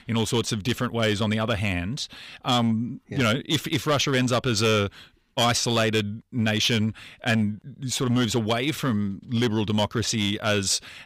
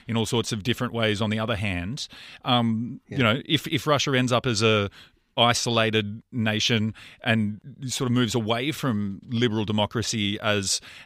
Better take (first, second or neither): second